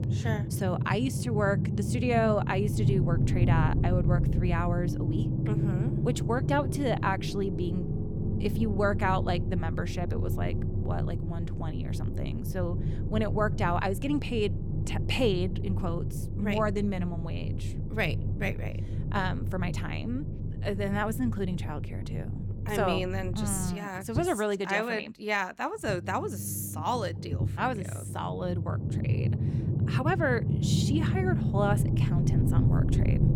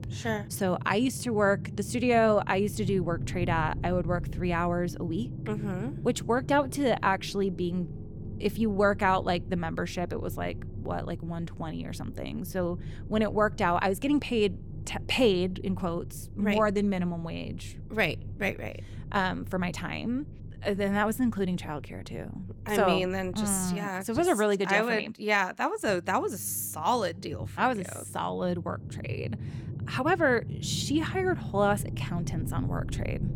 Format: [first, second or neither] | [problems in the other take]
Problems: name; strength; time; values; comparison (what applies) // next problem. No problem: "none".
second | low rumble; loud; throughout; 9 dB below the speech; faint in the second